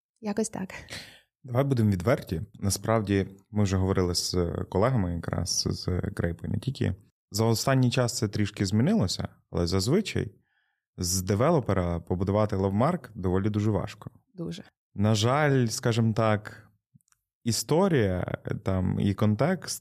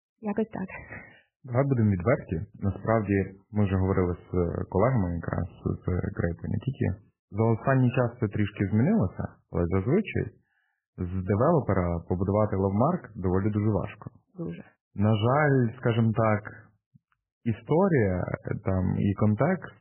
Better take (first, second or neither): first